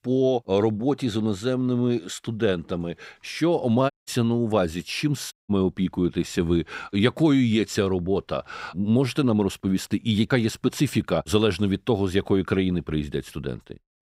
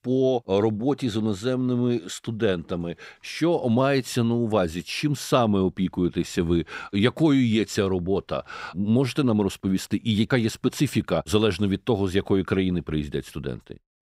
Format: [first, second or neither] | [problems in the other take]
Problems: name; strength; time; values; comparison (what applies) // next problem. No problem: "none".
second | audio cutting out; at 4 s and at 5.5 s